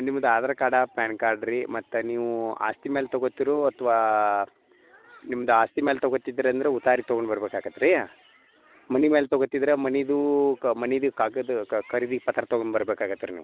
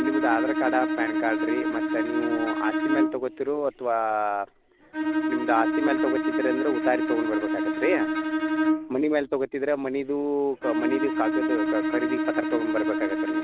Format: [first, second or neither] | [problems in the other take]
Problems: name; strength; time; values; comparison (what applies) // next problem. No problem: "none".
first | background sound (Bowed string instrument); 1 dB above the speech